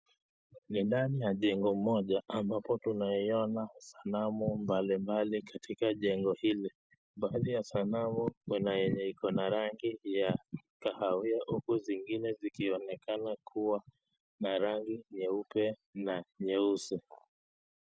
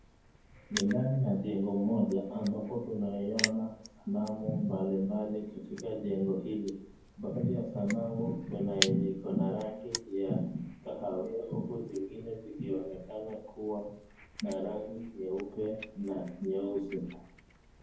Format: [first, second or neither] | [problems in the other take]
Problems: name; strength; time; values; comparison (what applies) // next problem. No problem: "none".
first | background sound (Crushing); 11 dB below the speech // room echo; dies away in 0.9 s